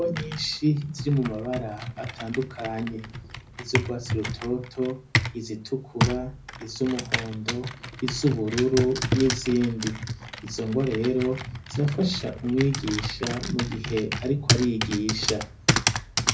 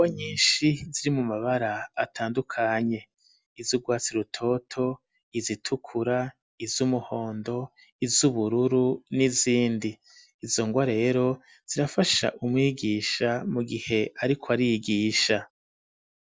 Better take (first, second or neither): second